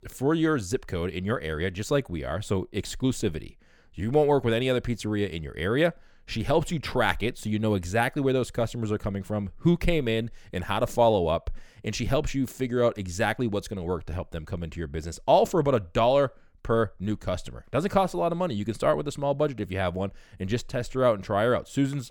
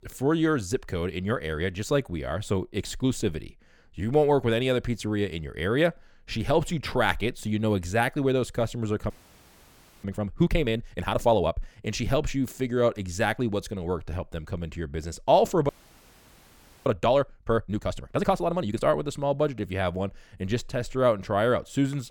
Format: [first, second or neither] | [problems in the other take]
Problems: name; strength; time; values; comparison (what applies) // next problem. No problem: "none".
first | audio freezing; at 9 s for 1 s and at 16 s for 1 s